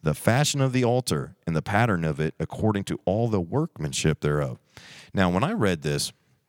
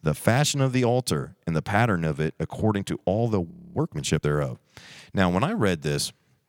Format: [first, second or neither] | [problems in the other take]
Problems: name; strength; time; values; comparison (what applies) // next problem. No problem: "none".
first | audio freezing; at 3.5 s